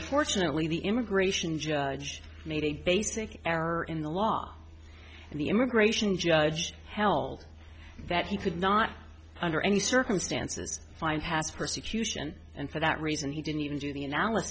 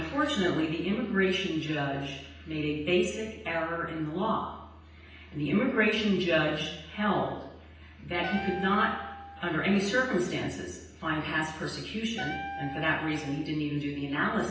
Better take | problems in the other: first | background sound (Wind instrument, woodwind instrument); 11 dB below the speech // room echo; dies away in 0.9 s

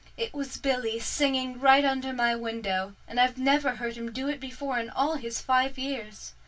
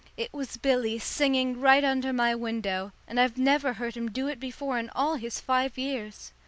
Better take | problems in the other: second | room echo; dies away in 0.1 s

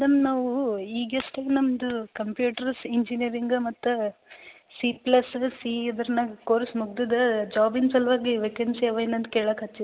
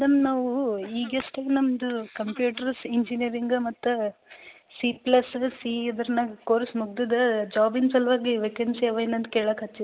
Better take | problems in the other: first | noise reduction (neural mask model Resemble Enhance denoiser)

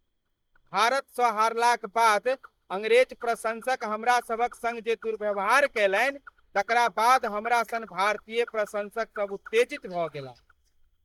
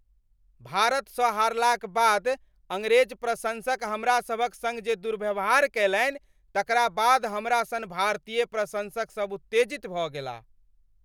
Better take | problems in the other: second | noise reduction (neural mask model DeepFilterNet 3)

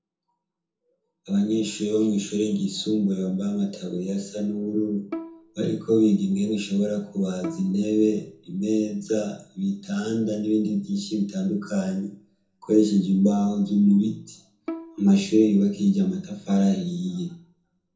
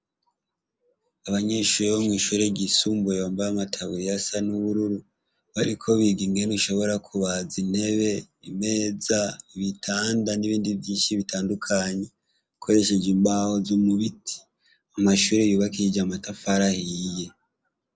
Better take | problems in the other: second | background sound (Bowed string instrument); 17 dB below the speech // room echo; dies away in 0.6 s

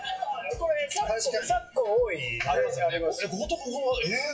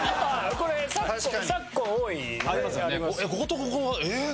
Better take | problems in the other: second | noise reduction (classical method WPE with log-MMSE)

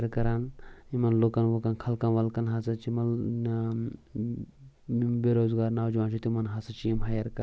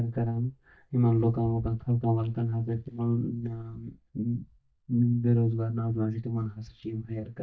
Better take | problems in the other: first | noise reduction (neural mask model DeepFilterNet 3)

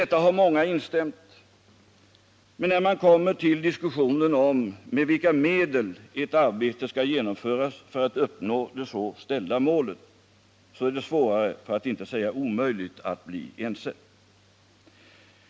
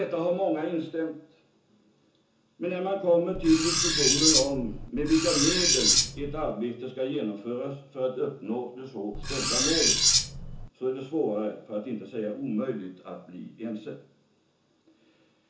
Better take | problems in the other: first | background sound (Cutlery, silverware); 4 dB above the speech // room echo; dies away in 0.7 s

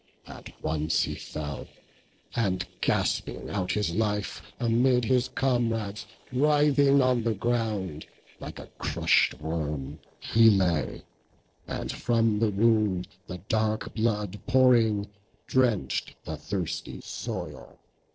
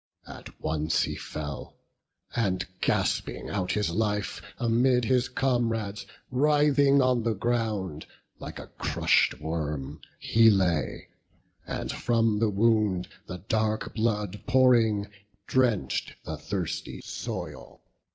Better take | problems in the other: second | noise reduction (neural separator model SepFormer DNS4)

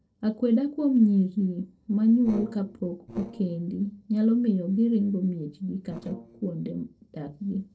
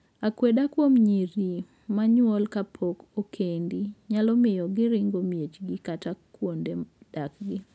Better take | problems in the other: second | noise reduction (neural separator model SepFormer DNS4)

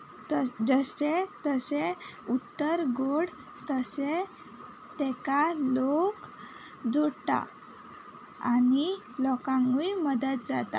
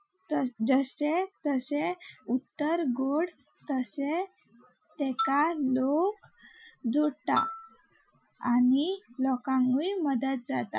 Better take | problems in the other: first | noise reduction (classical method Wiener filter)

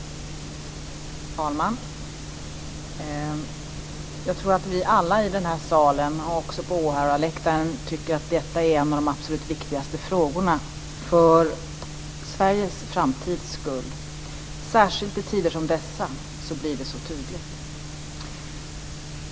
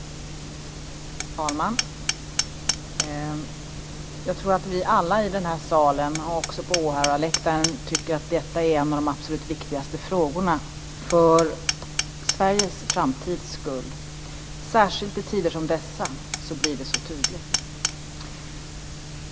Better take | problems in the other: first | background sound (Hammer); 8 dB below the speech

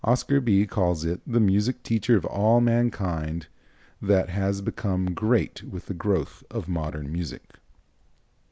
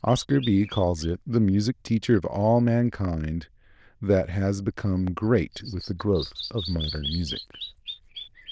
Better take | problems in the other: first | noise reduction (neural diffusion model UNIVERSE++)

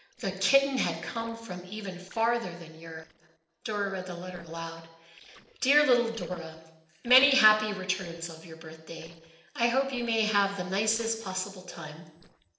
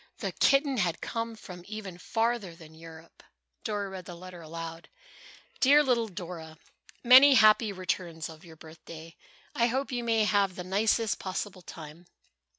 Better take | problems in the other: second | noise reduction (neural separator model SepFormer DNS4)

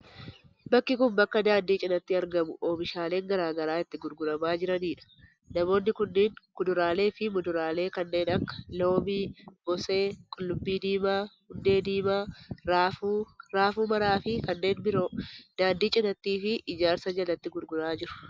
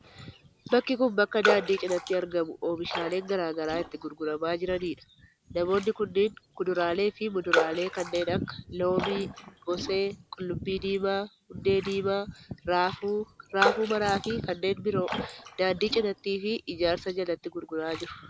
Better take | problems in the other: first | background sound (Raindrop); 8 dB below the speech

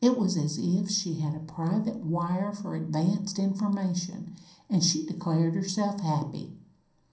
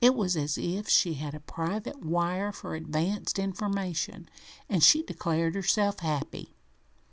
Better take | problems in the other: second | room echo; dies away in 0.6 s

